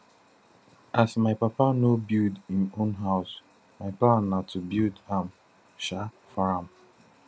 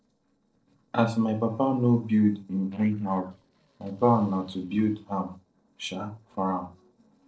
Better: first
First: none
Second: noise reduction (neural separator model SepFormer DNS4)

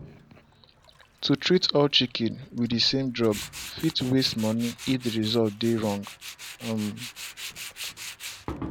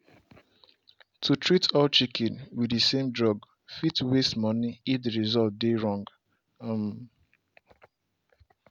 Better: second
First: background sound (Tools); 14 dB below the speech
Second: none

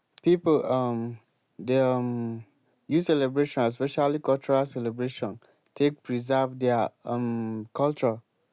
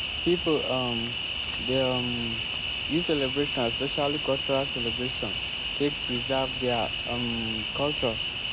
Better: first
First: none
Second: background sound (Cricket); 1 dB below the speech

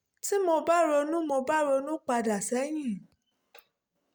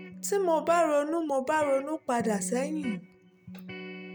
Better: first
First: none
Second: background sound (Electric guitar); 13 dB below the speech

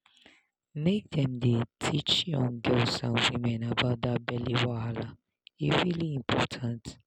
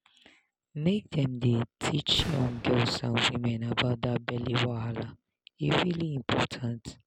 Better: first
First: none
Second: background sound (Fireworks); 10 dB below the speech

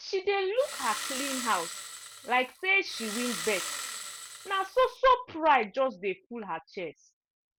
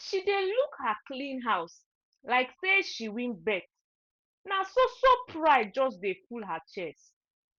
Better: second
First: background sound (Engine starting); 9 dB below the speech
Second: none

